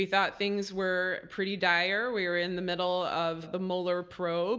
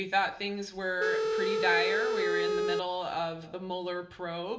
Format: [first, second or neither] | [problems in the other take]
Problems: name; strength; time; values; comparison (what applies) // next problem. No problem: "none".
first | background sound (Telephone); 3 dB above the speech // room echo; dies away in 0.9 s